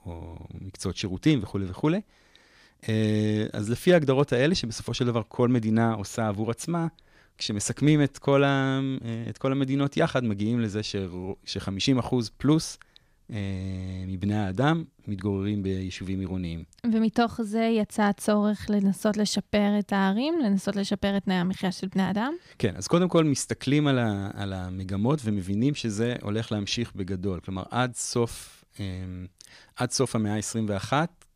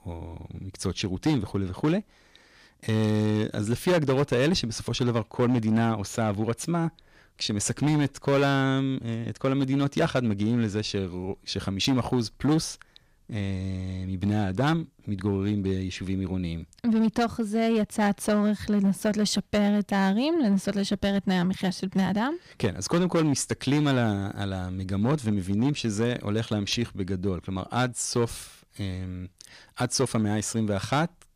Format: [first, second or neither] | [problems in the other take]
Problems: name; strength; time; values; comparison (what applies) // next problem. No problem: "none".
first | distortion; slight; 6% of the sound clipped